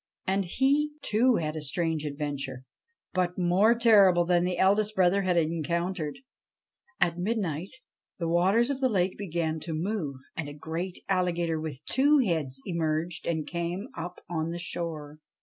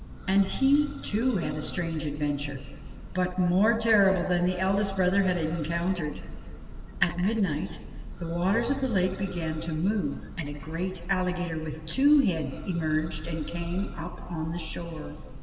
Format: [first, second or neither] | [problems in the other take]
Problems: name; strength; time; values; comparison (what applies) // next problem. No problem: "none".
first | background sound (Church bell); 10 dB below the speech // room echo; dies away in 2.2 s